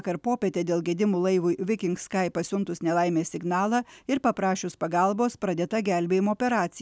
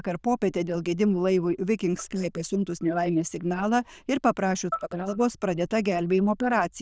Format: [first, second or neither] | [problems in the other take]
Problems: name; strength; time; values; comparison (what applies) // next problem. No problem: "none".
first | noise reduction (neural diffusion model UNIVERSE++)